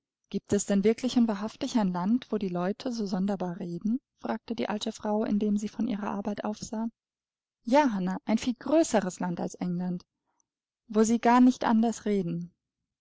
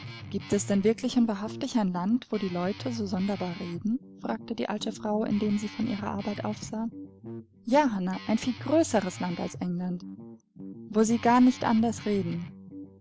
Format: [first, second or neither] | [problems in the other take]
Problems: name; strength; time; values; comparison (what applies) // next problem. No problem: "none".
first | background sound (Guitar); 14 dB below the speech